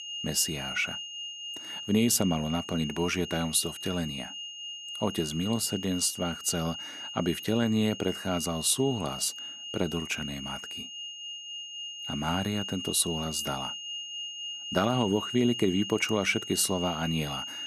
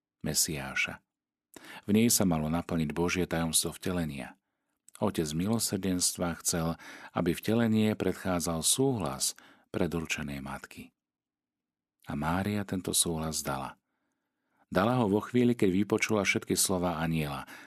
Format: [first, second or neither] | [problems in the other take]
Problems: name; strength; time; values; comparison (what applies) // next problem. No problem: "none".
second | high-pitched whine; loud; throughout; 3 kHz, 7 dB below the speech